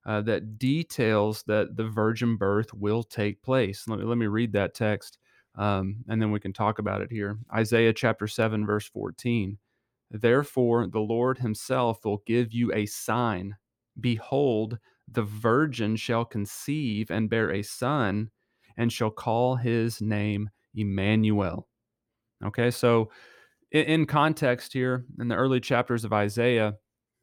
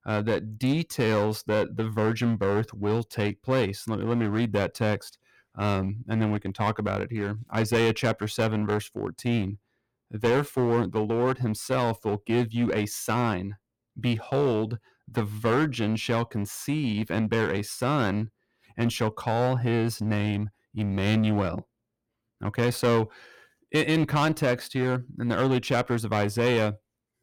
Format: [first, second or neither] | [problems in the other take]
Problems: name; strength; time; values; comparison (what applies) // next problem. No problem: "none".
first | distortion; slight; 8% of the sound clipped